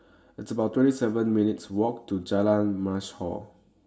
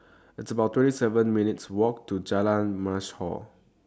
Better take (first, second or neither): second